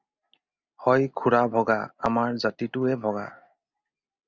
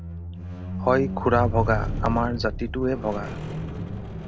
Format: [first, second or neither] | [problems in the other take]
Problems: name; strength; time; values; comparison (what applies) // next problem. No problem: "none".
first | background sound (Squeak); 3 dB below the speech